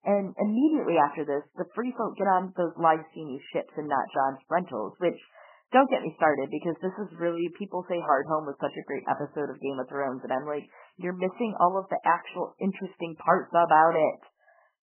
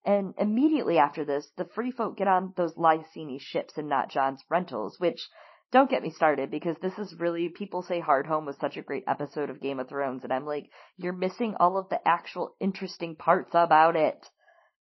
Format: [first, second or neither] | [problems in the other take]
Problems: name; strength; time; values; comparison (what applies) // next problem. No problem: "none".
second | garbled, watery; badly; nothing above 3 kHz; slightly in the second